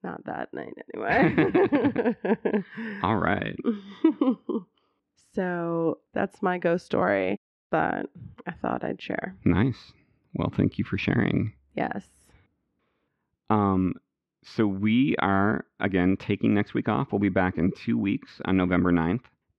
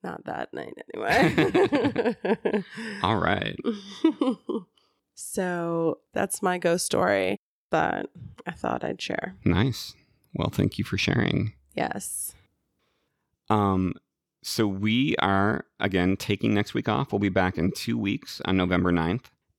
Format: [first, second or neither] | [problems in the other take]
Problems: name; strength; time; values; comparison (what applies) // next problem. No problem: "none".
second | muffled; slightly; fading above 2 kHz